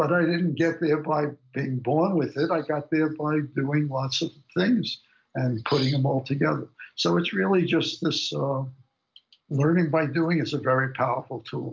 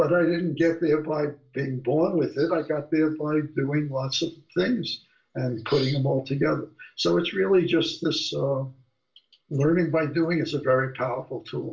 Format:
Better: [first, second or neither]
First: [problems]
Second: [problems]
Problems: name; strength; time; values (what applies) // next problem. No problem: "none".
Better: first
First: none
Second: room echo; dies away in 0.2 s